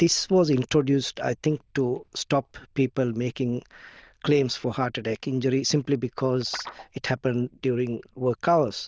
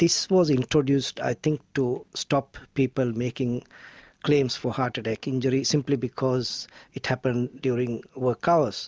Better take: second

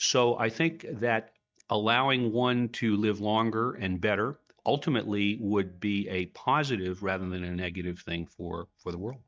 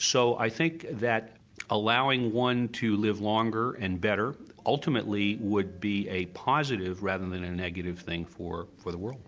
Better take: second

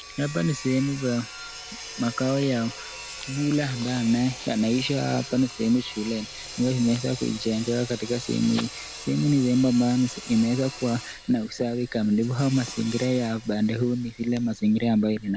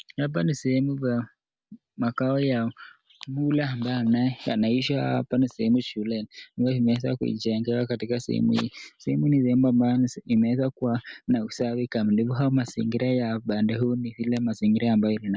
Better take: second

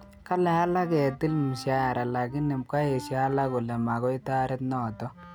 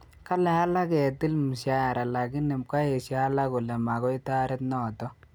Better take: second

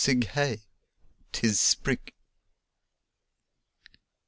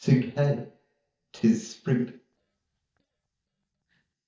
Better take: first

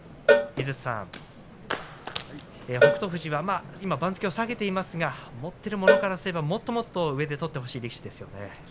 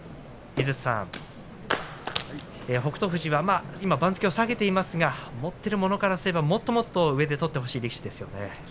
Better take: second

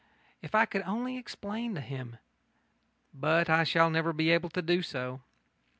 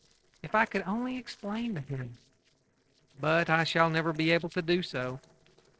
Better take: first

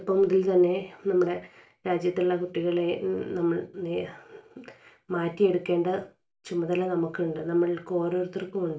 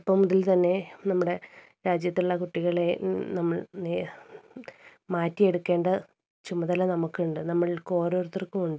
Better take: second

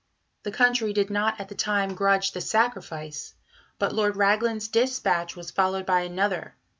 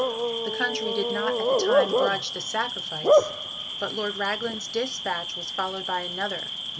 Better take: first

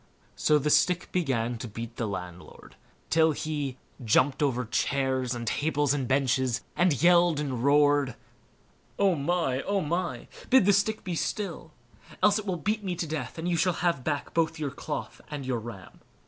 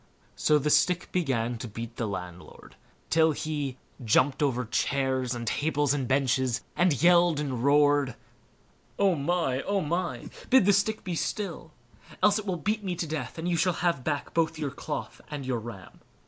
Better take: first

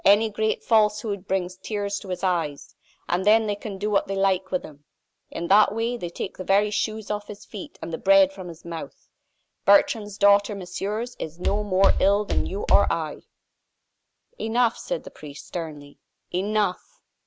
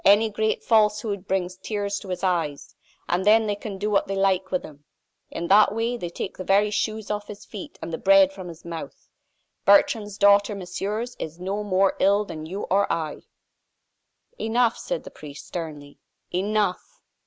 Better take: second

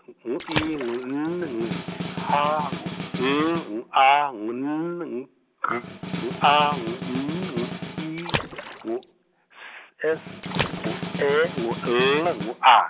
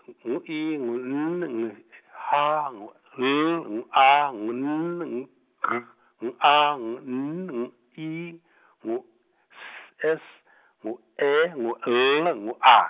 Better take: second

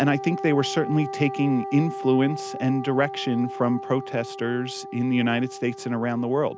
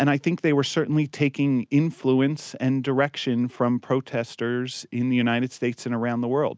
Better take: second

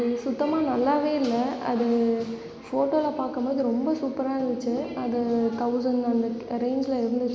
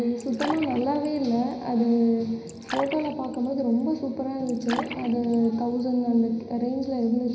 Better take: first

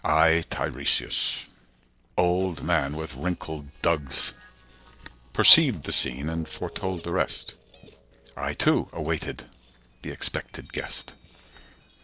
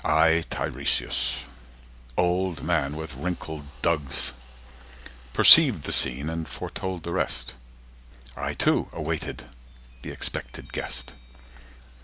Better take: second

